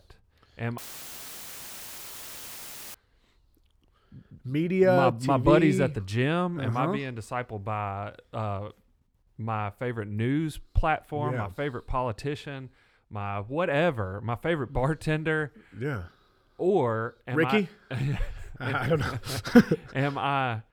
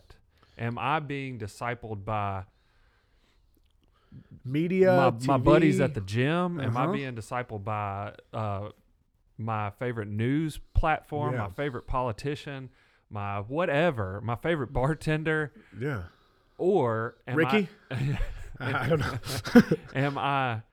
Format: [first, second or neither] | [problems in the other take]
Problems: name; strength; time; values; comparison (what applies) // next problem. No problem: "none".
second | audio cutting out; filled with static; at 1 s for 2 s